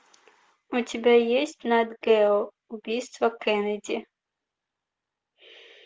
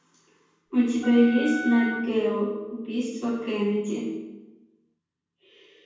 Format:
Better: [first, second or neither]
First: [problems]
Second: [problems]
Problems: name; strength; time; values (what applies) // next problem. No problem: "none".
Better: first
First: none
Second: background sound (Wind instrument, woodwind instrument); 11 dB below the speech // room echo; dies away in 1.1 s